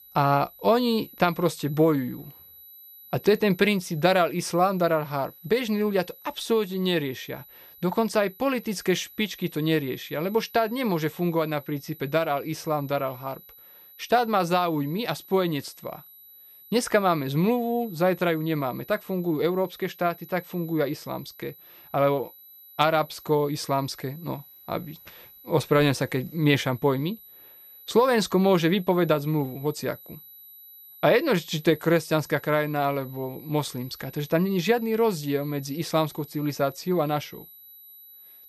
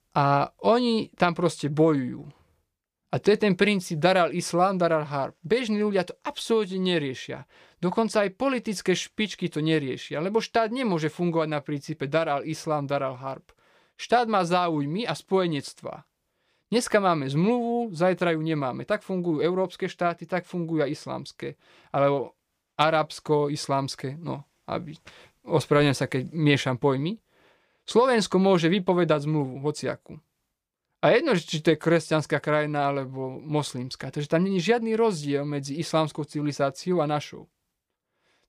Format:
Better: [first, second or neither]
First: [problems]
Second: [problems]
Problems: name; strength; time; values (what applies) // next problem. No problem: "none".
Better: second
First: high-pitched whine; faint; throughout; 12 kHz, 20 dB below the speech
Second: none